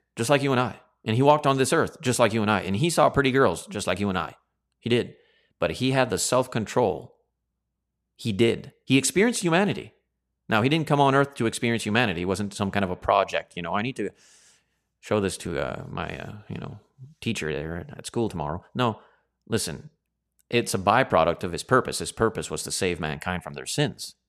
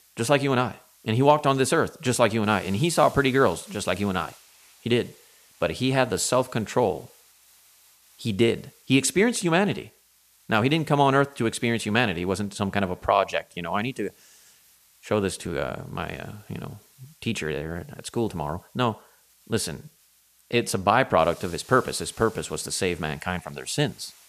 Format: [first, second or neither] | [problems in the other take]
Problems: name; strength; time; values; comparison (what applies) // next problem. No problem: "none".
first | hiss; faint; throughout; 25 dB below the speech